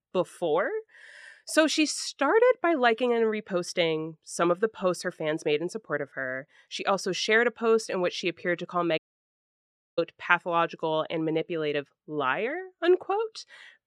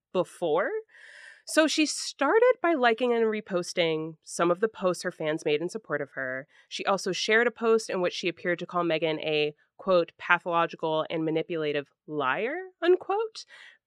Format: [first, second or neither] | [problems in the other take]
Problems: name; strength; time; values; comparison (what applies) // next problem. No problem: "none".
second | audio cutting out; at 9 s for 1 s